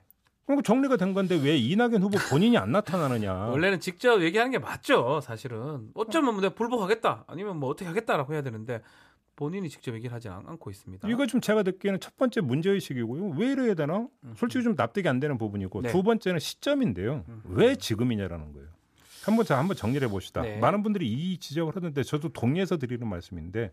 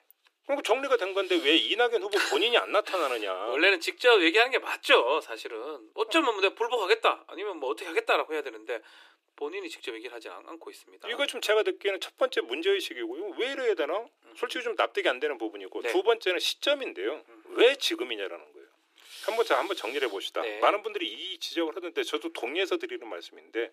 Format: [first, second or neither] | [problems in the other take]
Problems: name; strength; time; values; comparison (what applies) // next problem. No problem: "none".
first | thin; very; fading below 300 Hz